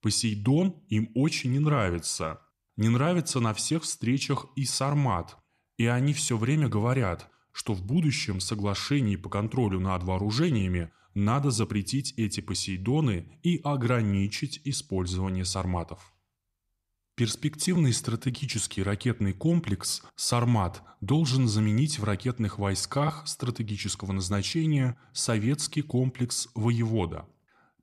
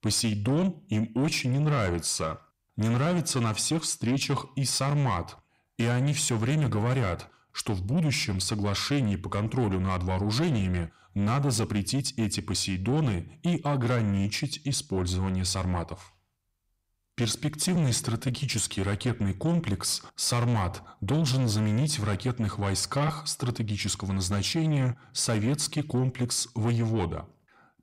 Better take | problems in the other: first | distortion; slight; 10 dB below the speech

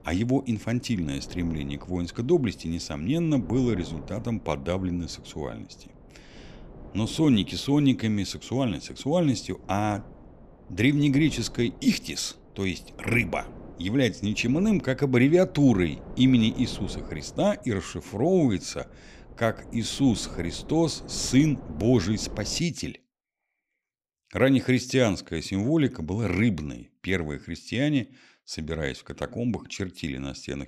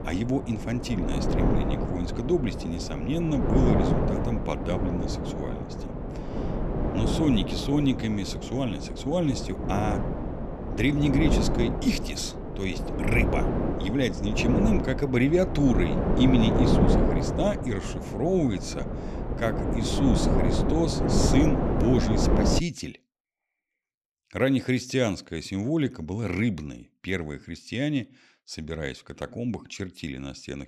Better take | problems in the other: first | wind noise on the microphone; heavy; until 23 s; 1 dB below the speech; occasional gusts in the first

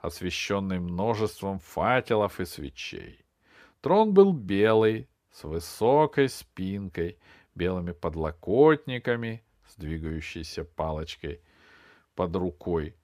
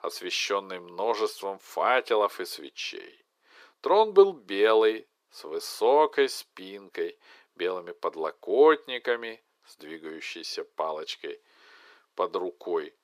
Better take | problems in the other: first | thin; very; fading below 350 Hz

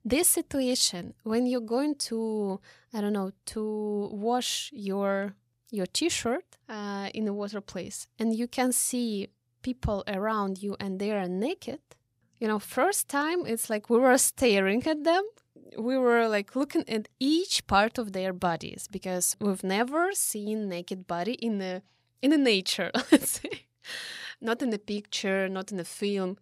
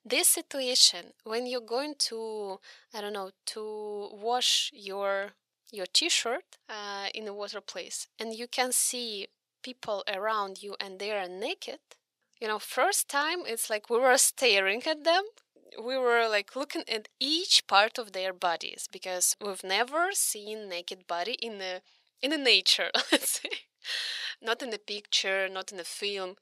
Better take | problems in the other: first | thin; somewhat; fading below 550 Hz

